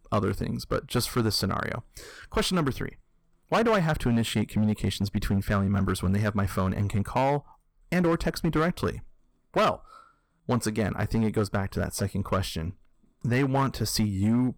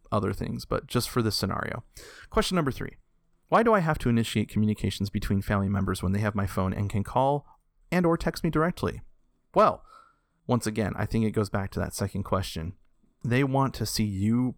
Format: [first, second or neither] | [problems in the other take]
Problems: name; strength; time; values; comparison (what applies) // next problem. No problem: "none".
second | distortion; slight; 6% of the sound clipped